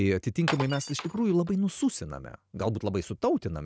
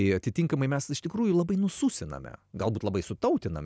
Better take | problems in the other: second | noise reduction (neural mask model RNNoise)

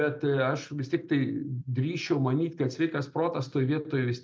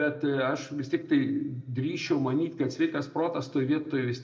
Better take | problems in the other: first | room echo; dies away in 1.7 s

